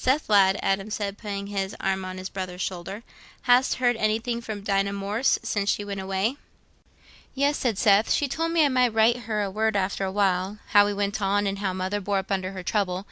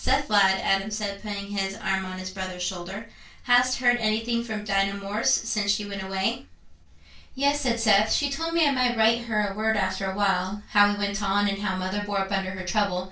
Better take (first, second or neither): first